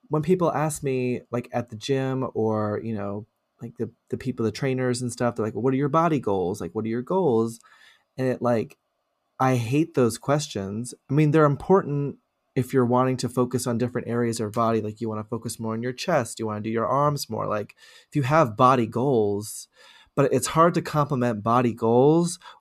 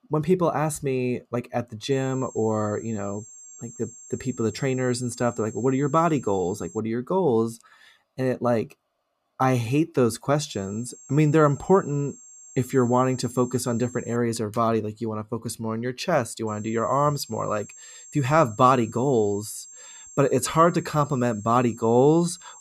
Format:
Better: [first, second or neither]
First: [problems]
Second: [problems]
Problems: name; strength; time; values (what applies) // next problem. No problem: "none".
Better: first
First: none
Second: high-pitched whine; noticeable; from 2 to 7 s, from 11 to 14 s and from 16 s on; 7.5 kHz, 20 dB below the speech